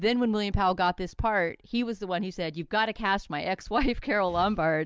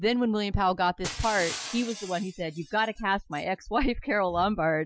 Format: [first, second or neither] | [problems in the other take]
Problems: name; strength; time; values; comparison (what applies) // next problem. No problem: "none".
first | noise reduction (classical method Wiener filter)